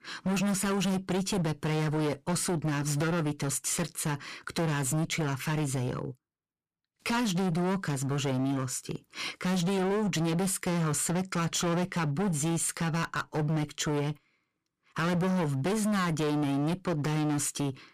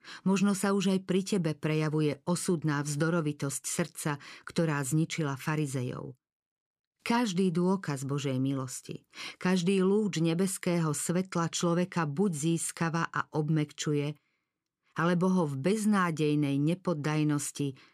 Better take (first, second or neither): second